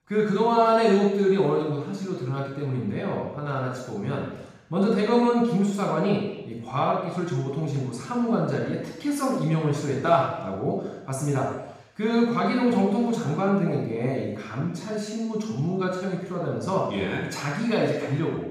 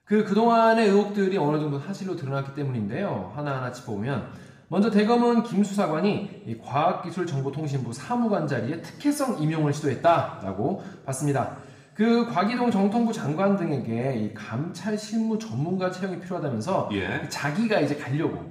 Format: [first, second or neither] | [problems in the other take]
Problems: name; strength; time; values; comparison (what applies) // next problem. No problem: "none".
second | room echo; strong; dies away in 0.9 s; slight in the second // off-mic speech; far; somewhat distant in the second